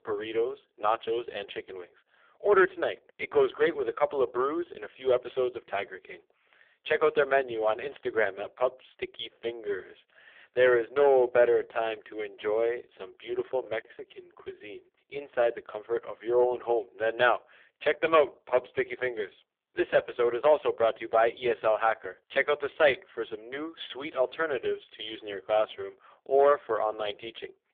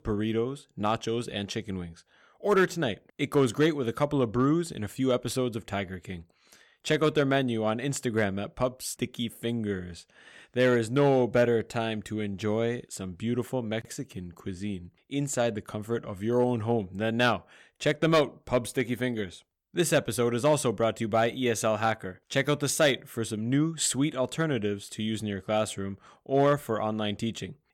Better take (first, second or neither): second